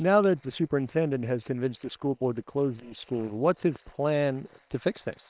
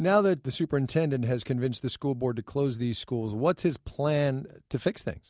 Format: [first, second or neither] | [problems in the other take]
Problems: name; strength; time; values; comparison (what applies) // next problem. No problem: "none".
second | noise reduction (neural separator model SepFormer WHAM!)